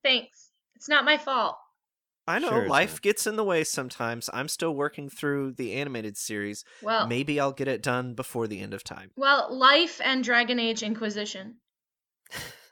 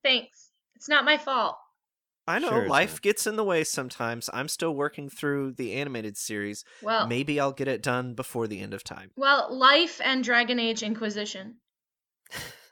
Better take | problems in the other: neither | none

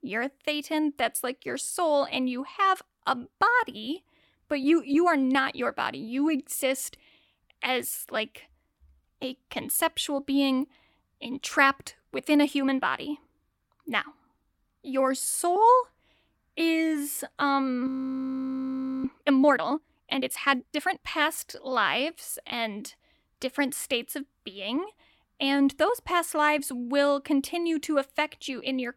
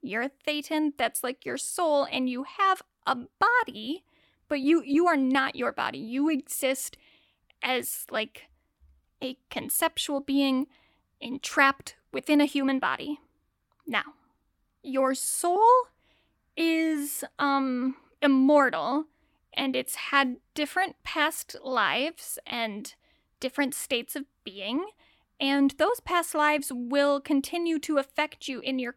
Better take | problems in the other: second | audio freezing; at 18 s for 1 s

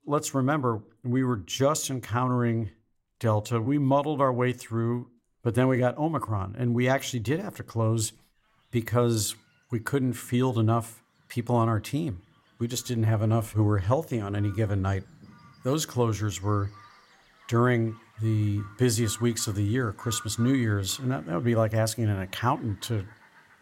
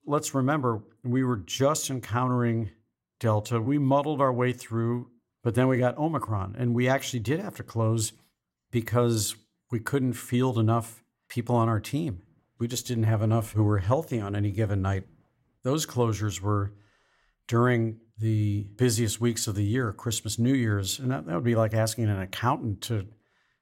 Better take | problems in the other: second | animal sounds; faint; throughout; 25 dB below the speech

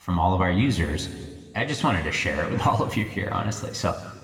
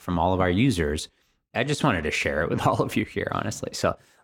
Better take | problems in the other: second | room echo; noticeable; dies away in 1.5 s // off-mic speech; somewhat distant

